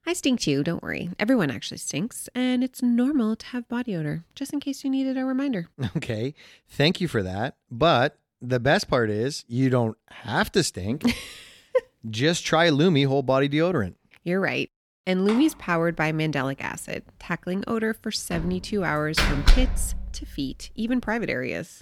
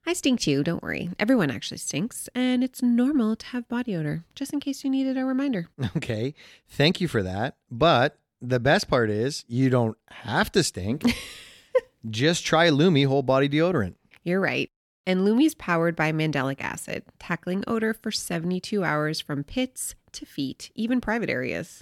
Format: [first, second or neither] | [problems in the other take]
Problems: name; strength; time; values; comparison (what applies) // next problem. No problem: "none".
second | door banging; loud; from 18 to 20 s; peak 3 dB above the speech